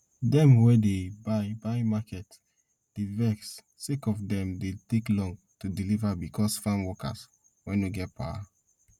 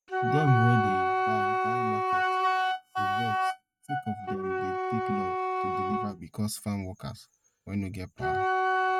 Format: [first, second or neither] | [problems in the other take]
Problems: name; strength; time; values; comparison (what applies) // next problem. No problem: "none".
first | noise reduction (neural mask model RNNoise)